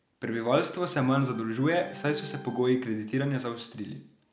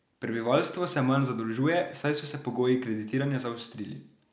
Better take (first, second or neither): second